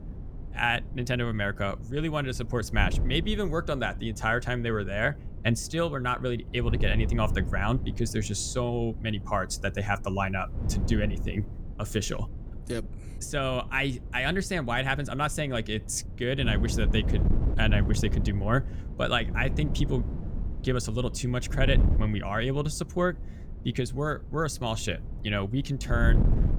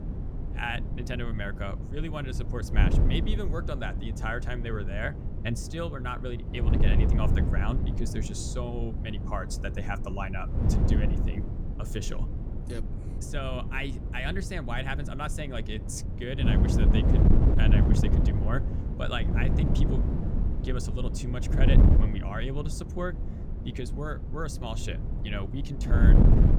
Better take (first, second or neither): first